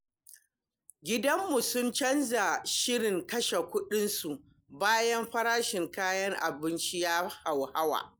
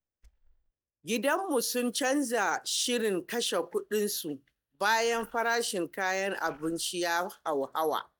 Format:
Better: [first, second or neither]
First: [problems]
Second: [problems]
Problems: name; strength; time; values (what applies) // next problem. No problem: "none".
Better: first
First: none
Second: noise reduction (neural mask model DeepFilterNet 3)